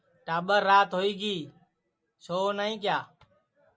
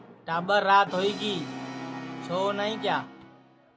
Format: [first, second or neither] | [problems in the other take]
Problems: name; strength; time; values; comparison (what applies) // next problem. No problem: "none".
first | background sound (Brass instrument); 11 dB below the speech